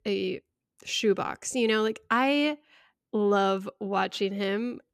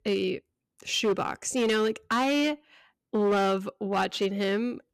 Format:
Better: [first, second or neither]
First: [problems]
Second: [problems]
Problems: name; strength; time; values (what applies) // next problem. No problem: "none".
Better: first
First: none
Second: distortion; slight; 9% of the sound clipped